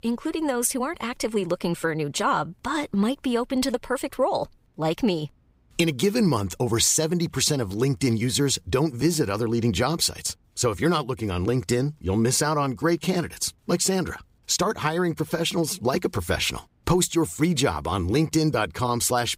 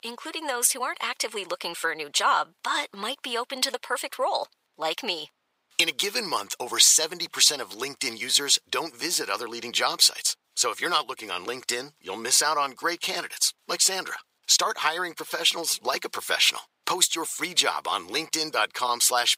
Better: first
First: none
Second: thin; very; fading below 800 Hz

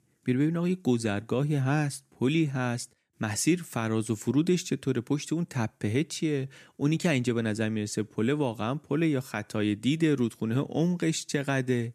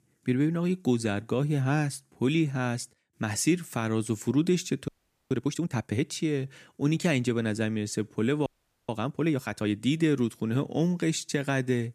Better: first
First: none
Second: audio freezing; at 5 s and at 8.5 s

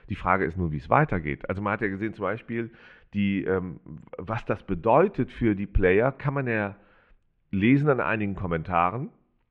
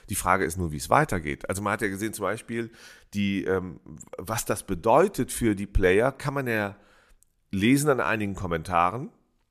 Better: second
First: muffled; very; fading above 2.5 kHz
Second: none

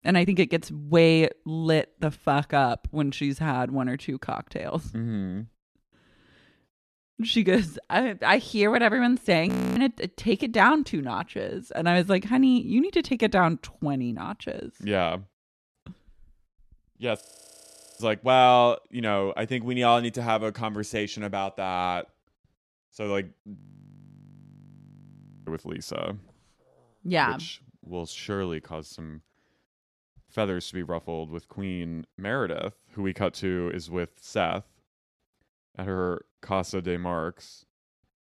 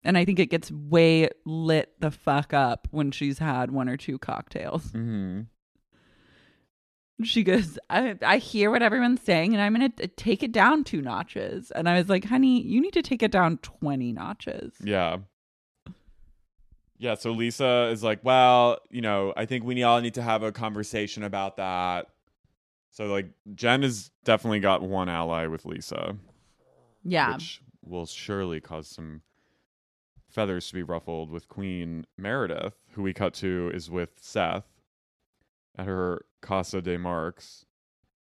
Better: second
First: audio freezing; at 9.5 s, at 17 s for 1 s and at 24 s for 2 s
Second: none

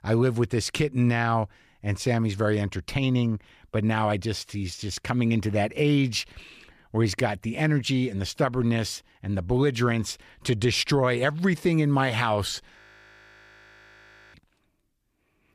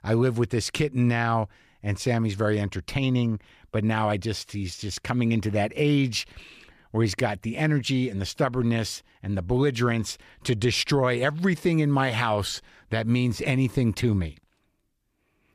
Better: second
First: audio freezing; at 13 s for 1.5 s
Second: none

